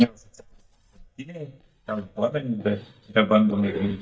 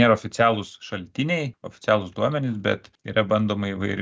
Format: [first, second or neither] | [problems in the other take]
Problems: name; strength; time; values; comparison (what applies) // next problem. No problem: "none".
second | noise reduction (neural mask model DeepFilterNet 3)